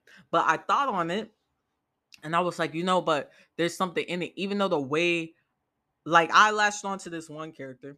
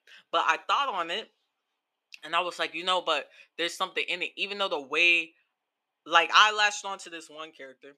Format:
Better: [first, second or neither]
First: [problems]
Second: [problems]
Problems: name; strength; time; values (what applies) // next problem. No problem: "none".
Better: first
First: none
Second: thin; somewhat; fading below 450 Hz